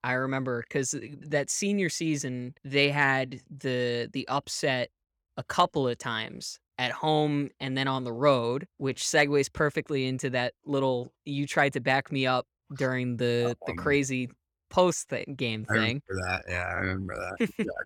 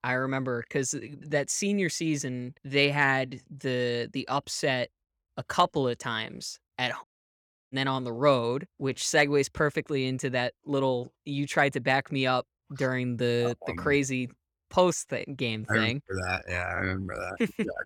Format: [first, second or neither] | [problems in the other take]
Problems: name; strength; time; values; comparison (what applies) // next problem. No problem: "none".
first | audio cutting out; at 7 s for 0.5 s